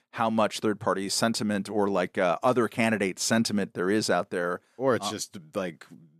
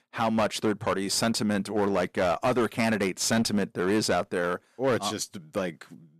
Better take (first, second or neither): first